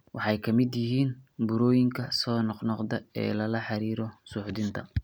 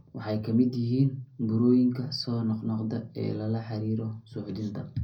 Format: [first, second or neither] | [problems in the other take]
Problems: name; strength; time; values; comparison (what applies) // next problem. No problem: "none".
first | room echo; dies away in 0.4 s